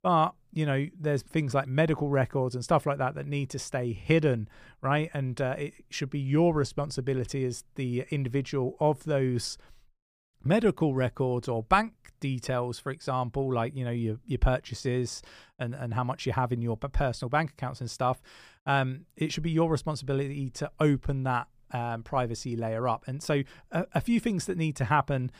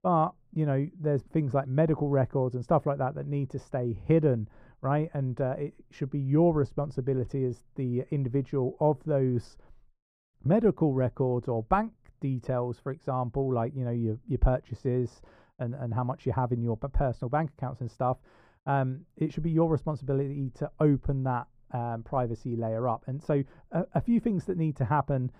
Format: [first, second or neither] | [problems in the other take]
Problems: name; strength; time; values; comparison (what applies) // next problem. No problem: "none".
first | muffled; very; fading above 1.5 kHz